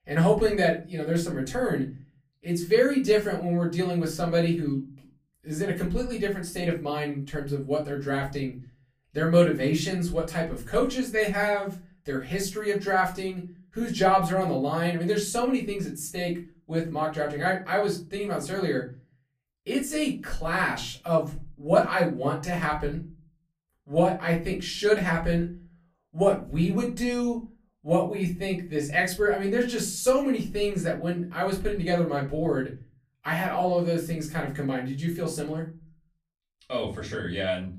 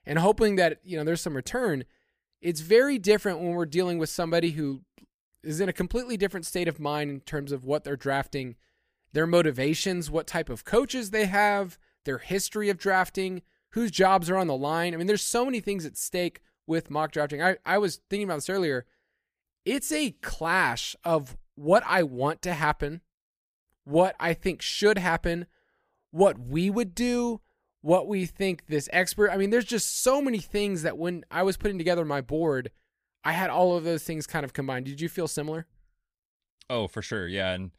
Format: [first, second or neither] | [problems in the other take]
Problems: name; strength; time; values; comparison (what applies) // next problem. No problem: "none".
second | off-mic speech; far // room echo; slight; dies away in 0.4 s